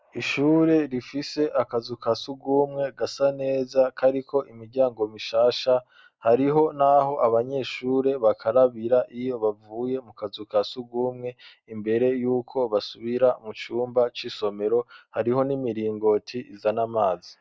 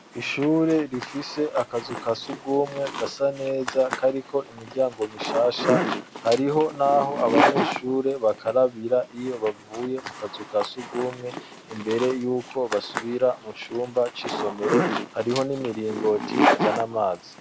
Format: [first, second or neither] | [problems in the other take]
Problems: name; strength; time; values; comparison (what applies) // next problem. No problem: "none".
first | background sound (Zipper (clothing)); 4 dB below the speech